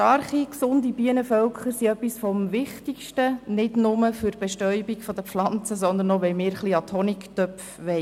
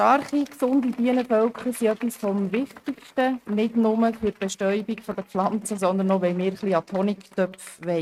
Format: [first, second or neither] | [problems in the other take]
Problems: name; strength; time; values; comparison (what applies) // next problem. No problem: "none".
first | noise reduction (neural mask model RNNoise)